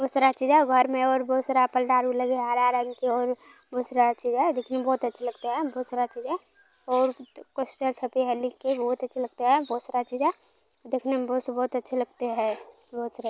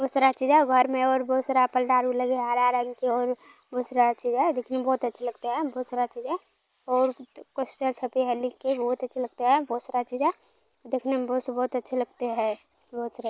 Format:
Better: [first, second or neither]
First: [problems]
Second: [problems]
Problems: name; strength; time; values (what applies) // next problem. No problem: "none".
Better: first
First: none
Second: noise reduction (neural mask model Resemble Enhance denoiser)